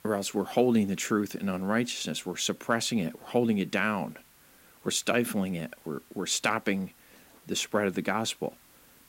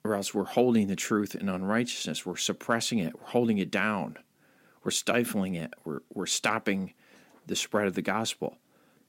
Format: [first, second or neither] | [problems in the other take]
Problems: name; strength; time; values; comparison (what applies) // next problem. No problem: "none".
second | hiss; faint; throughout; 25 dB below the speech